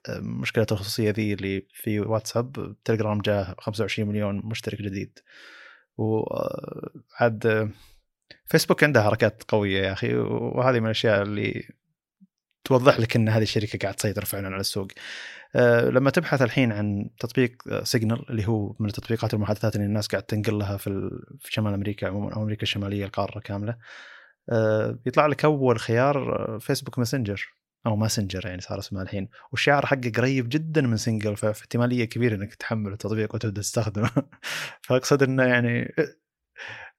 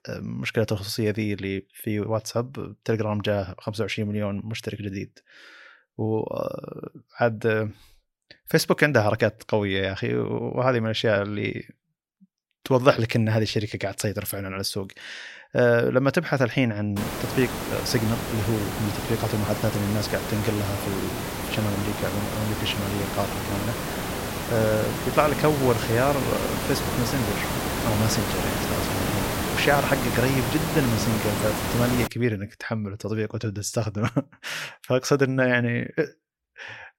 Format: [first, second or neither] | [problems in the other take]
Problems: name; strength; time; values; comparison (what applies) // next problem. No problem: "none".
first | hiss; loud; from 17 to 32 s; 3 dB below the speech